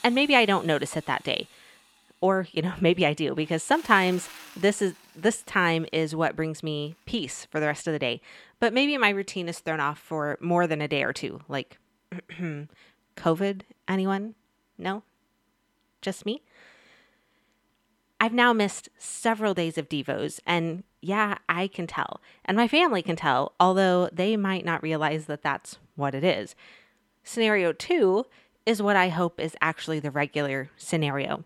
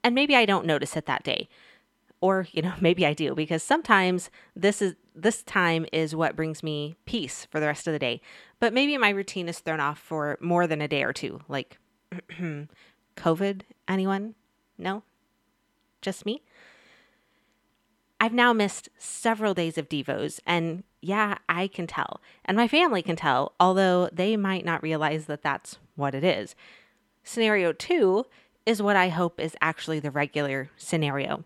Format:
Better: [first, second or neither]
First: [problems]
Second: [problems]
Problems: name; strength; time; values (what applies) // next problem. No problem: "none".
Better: second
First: machinery noise; faint; until 6.5 s; 20 dB below the speech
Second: none